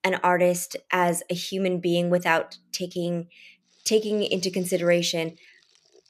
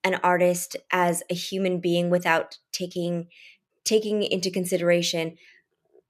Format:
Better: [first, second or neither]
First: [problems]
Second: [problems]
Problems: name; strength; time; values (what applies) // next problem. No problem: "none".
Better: second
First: background music; faint; from 2 s on; 30 dB below the speech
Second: none